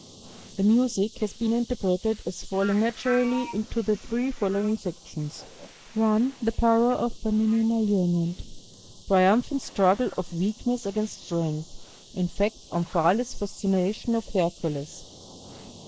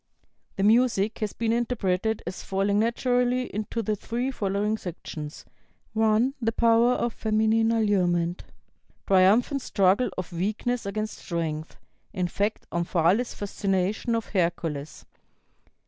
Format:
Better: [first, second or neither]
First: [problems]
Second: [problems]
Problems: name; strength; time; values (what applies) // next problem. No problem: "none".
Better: second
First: noise reduction (neural mask model Resemble Enhance denoiser)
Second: none